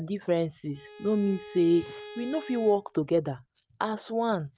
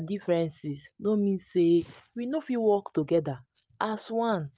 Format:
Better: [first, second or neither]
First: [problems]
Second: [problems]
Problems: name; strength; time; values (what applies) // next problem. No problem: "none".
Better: second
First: background sound (Bowed string instrument); 17 dB below the speech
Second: none